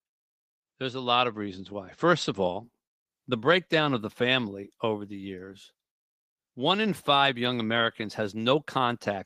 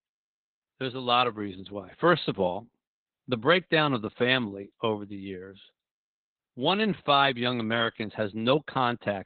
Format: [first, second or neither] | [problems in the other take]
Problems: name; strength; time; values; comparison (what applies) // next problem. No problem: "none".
first | garbled, watery; badly; nothing above 4 kHz; slightly in the first